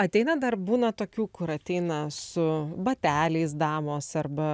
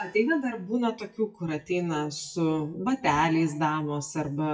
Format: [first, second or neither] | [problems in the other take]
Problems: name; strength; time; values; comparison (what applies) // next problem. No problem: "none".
first | noise reduction (classical method WPE with log-MMSE)